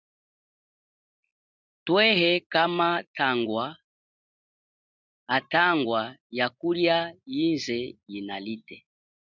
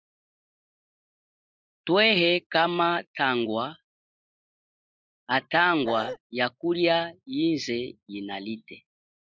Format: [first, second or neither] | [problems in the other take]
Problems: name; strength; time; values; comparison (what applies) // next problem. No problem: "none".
first | noise reduction (neural mask model Resemble Enhance denoiser)